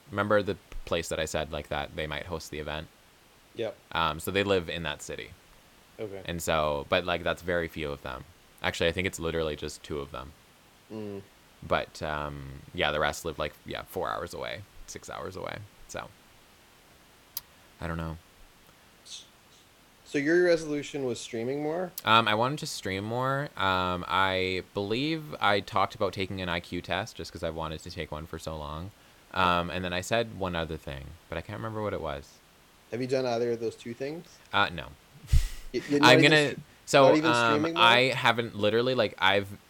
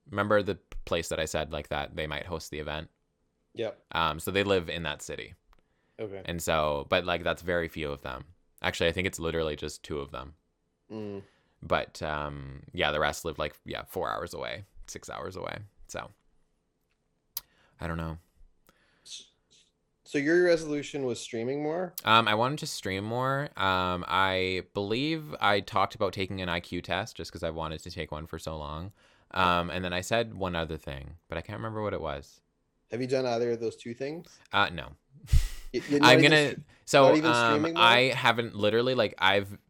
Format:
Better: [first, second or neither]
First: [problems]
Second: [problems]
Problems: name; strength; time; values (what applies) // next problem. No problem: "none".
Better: second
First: hiss; faint; throughout; 30 dB below the speech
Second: none